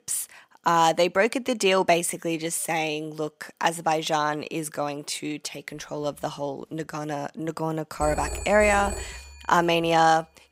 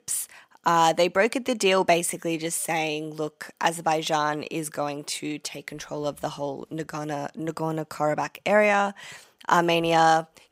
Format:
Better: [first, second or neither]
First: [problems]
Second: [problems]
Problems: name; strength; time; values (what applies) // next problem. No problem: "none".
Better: second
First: phone ringing; noticeable; from 8 to 9.5 s; peak 7 dB below the speech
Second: none